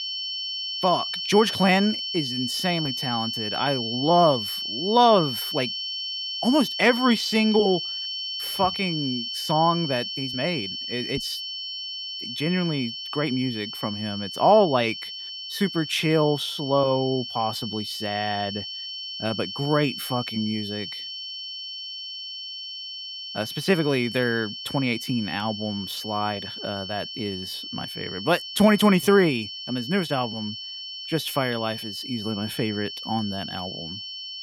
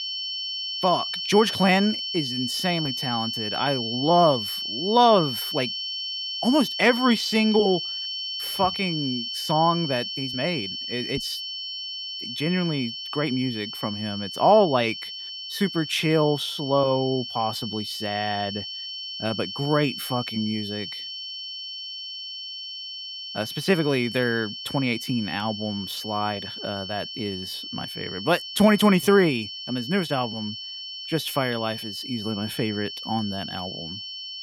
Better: neither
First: high-pitched whine; loud; throughout; 3 kHz, 6 dB below the speech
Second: high-pitched whine; loud; throughout; 3 kHz, 6 dB below the speech

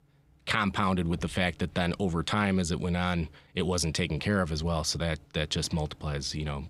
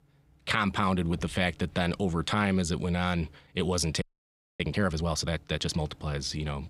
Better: first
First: none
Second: audio freezing; at 4 s for 0.5 s

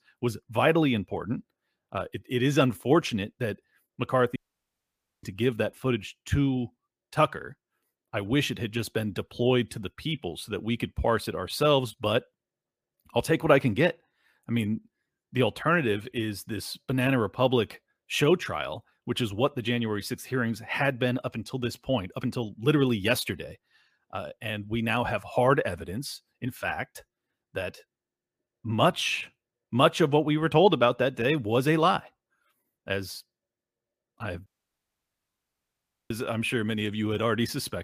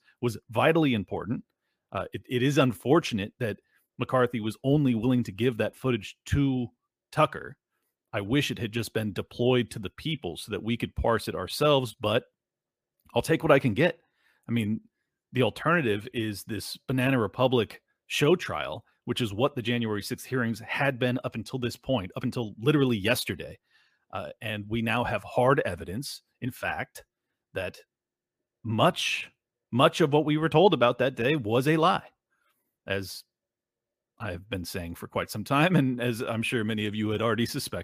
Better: second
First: audio cutting out; at 4.5 s for 1 s and at 34 s for 1.5 s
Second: none

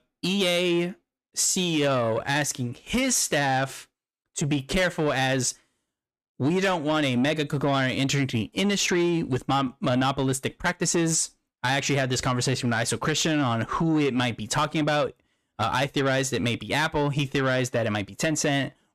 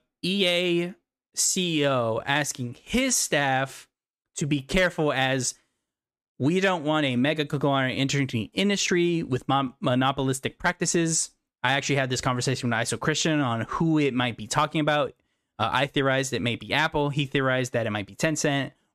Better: second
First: distortion; slight; 10 dB below the speech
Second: none

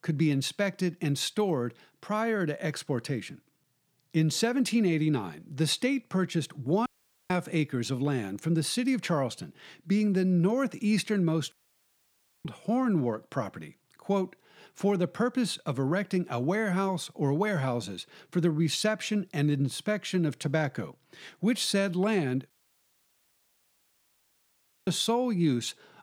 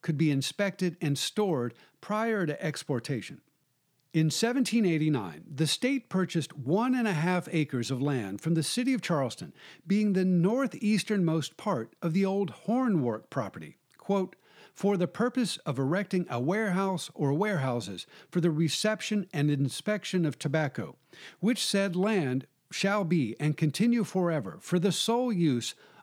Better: second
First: audio cutting out; at 7 s, at 12 s for 1 s and at 23 s for 2.5 s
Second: none

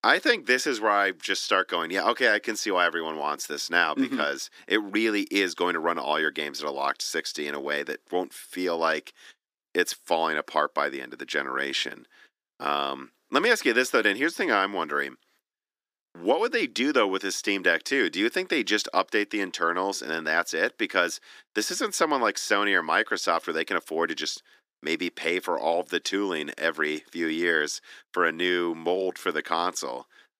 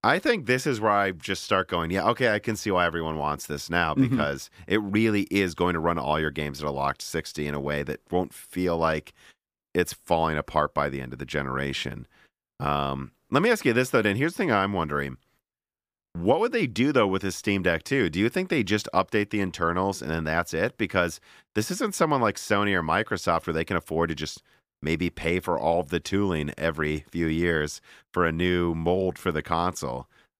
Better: second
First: thin; very slightly; fading below 300 Hz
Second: none

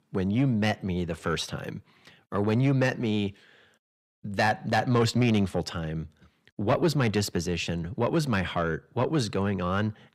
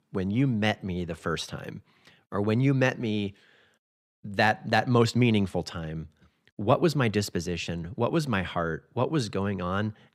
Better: second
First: distortion; slight; 10 dB below the speech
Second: none

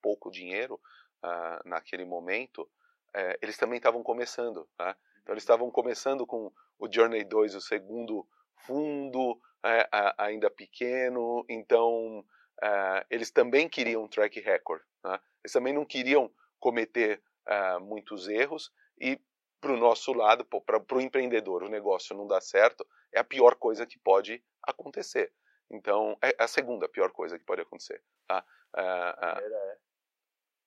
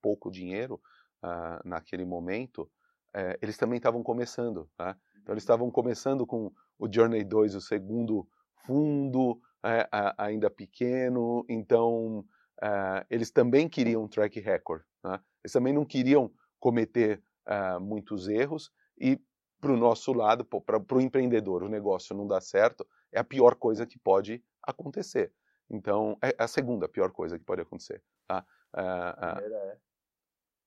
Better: second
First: thin; somewhat; fading below 500 Hz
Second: none

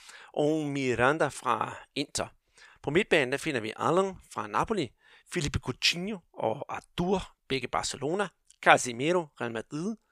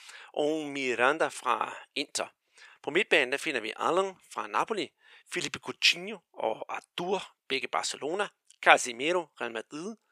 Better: first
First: none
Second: thin; somewhat; fading below 350 Hz

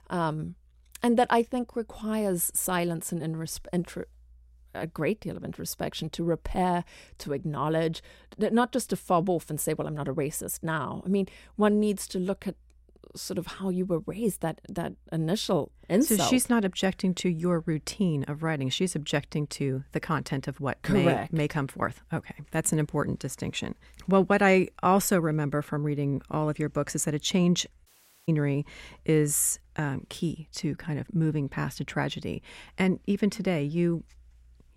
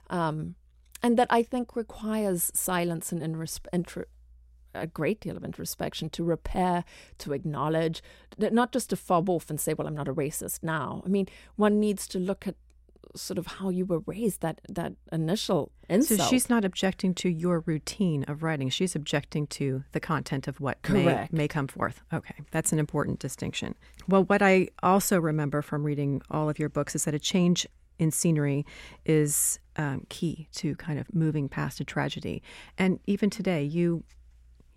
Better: second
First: audio cutting out; at 28 s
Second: none

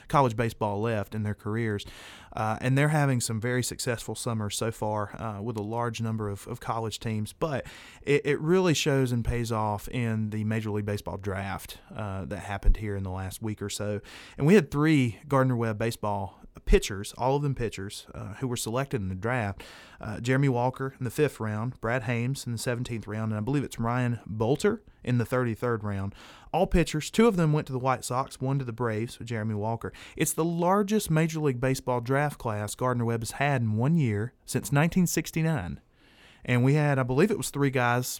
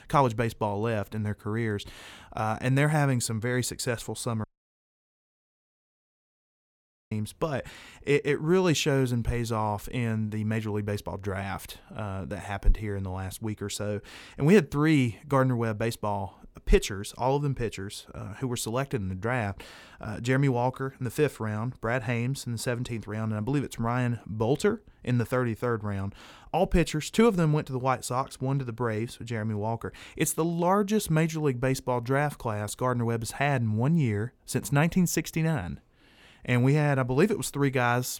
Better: first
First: none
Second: audio cutting out; at 4.5 s for 2.5 s

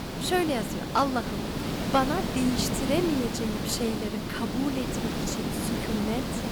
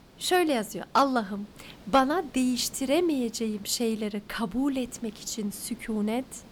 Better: second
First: hiss; loud; throughout; 1 dB below the speech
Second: hiss; faint; throughout; 25 dB below the speech

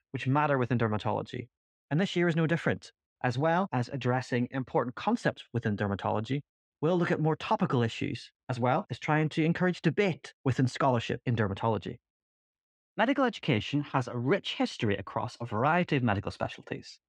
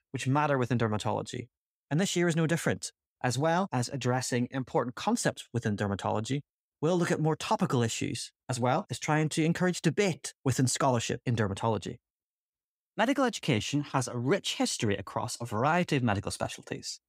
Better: second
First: muffled; slightly; fading above 2.5 kHz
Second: none

